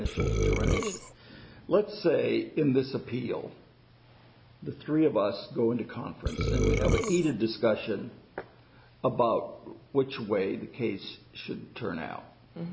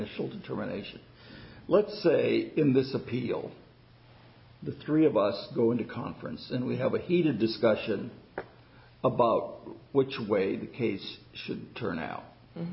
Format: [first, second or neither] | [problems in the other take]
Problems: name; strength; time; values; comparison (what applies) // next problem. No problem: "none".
second | background sound (Burping, eructation); 3 dB above the speech